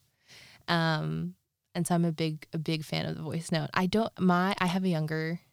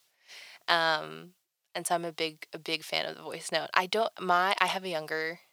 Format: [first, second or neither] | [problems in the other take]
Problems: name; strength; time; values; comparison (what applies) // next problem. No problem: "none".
first | thin; very; fading below 600 Hz